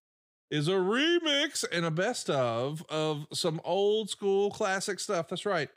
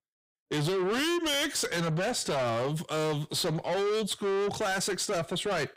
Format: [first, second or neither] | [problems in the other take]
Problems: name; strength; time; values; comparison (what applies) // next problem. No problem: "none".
first | distortion; heavy; 6 dB below the speech